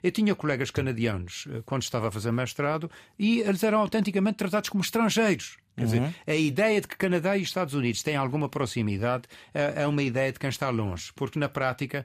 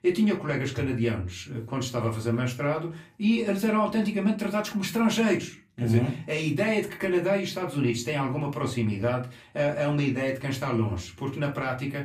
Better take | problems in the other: first | off-mic speech; far // room echo; very slight; dies away in 0.3 s

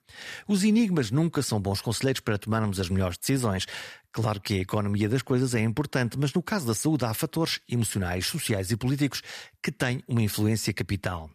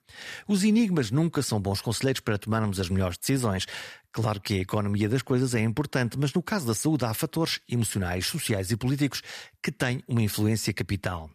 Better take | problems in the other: neither | none

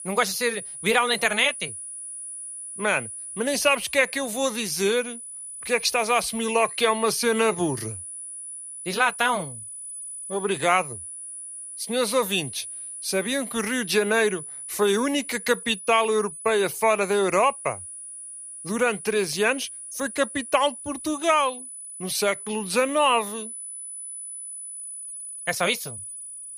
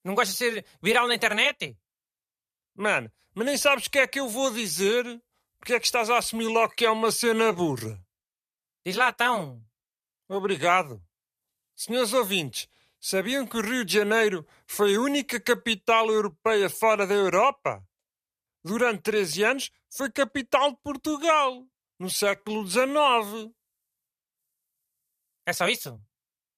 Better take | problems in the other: second | high-pitched whine; noticeable; throughout; 10 kHz, 10 dB below the speech

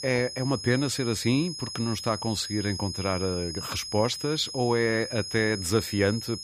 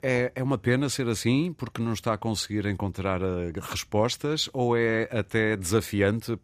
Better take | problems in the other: second | high-pitched whine; loud; throughout; 5 kHz, 7 dB below the speech

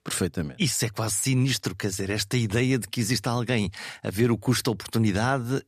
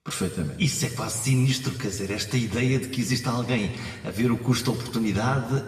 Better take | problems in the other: first | room echo; noticeable; dies away in 1.4 s // off-mic speech; somewhat distant

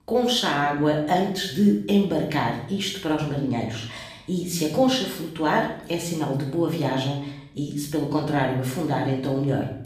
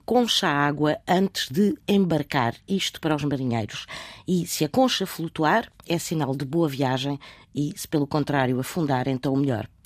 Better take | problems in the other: second | room echo; noticeable; dies away in 0.6 s // off-mic speech; far

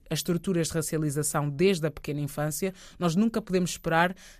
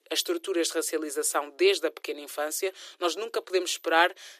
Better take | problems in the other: first | thin; very; fading below 350 Hz

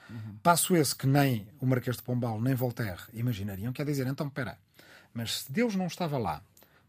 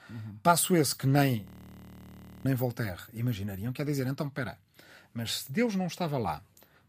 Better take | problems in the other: first | audio freezing; at 1.5 s for 1 s

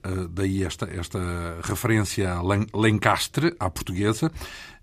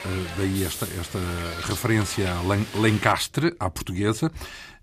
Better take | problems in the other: first | hiss; loud; until 3 s; 9 dB below the speech

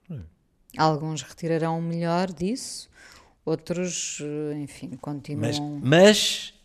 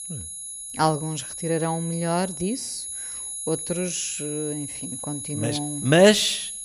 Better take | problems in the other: first | high-pitched whine; loud; throughout; 10.5 kHz, 7 dB below the speech

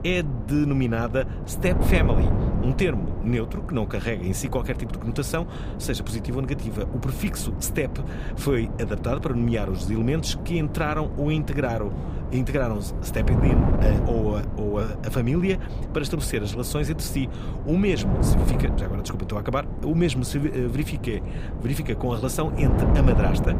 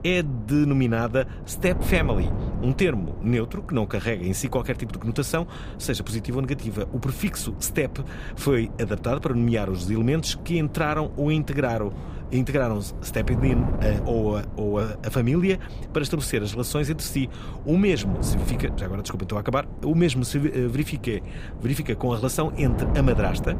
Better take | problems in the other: second | wind noise on the microphone; heavy; 6 dB below the speech; occasional gusts in the second

